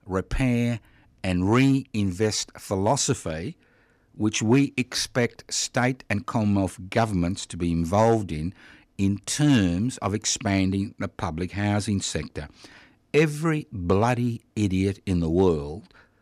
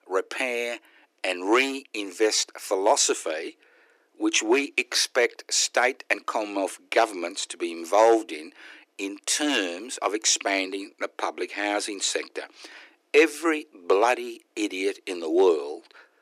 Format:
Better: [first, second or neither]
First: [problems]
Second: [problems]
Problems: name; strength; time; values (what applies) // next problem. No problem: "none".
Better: first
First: none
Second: thin; very; fading below 350 Hz